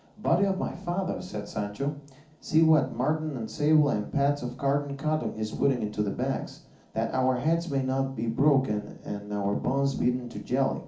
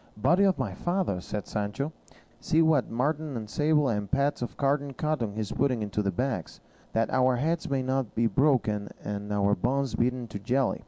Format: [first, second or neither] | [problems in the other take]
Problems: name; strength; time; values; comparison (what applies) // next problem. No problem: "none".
second | room echo; dies away in 0.4 s